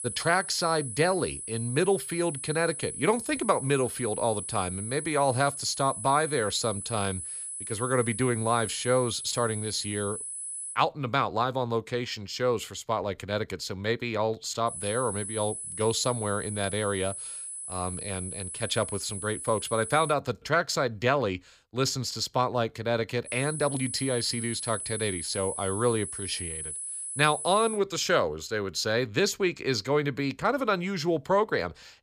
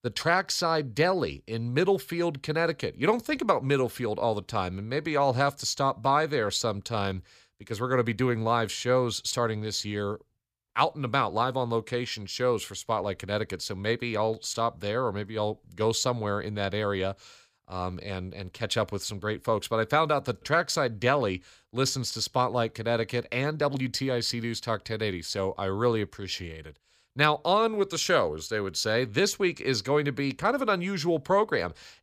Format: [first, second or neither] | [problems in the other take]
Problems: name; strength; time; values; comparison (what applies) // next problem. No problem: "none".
second | high-pitched whine; loud; until 11 s, from 15 to 20 s and from 23 to 28 s; 10 kHz, 6 dB below the speech